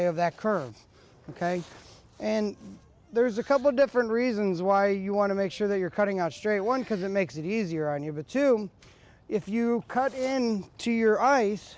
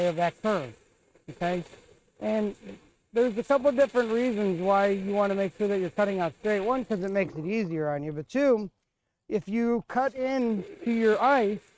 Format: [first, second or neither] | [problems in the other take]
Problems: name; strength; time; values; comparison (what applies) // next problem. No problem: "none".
first | noise reduction (neural mask model RNNoise)